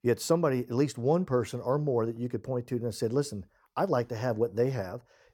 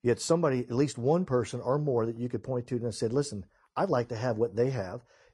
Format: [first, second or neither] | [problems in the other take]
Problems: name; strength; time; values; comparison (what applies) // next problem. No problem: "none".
first | garbled, watery; slightly